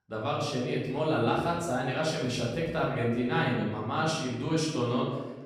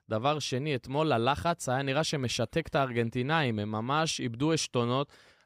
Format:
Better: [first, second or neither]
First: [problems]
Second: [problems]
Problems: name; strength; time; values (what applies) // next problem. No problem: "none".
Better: second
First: room echo; noticeable; dies away in 1 s // off-mic speech; far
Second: none